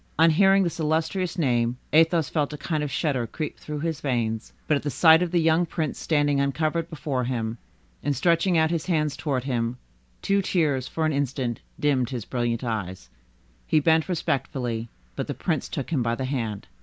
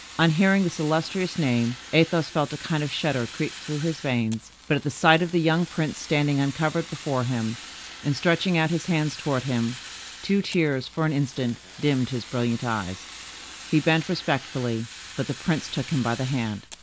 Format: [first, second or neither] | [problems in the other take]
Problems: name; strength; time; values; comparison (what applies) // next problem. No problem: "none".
first | background sound (Fire); 16 dB below the speech